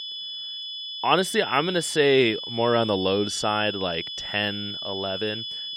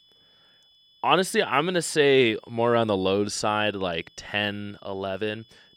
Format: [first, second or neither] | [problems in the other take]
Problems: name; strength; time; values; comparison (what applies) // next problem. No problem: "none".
second | high-pitched whine; loud; throughout; 3.5 kHz, 7 dB below the speech; faint in the second